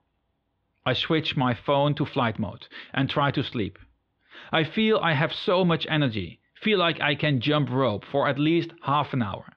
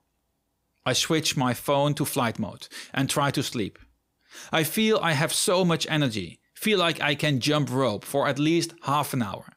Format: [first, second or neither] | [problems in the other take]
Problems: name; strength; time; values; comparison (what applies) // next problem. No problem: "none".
second | muffled; very; fading above 3.5 kHz